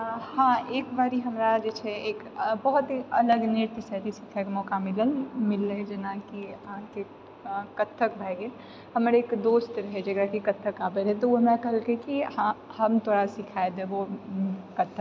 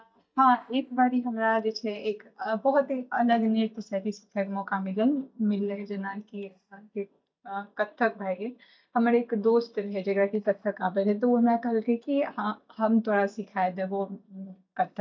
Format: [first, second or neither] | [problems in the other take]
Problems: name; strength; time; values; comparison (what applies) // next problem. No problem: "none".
first | noise reduction (neural mask model DeepFilterNet 3)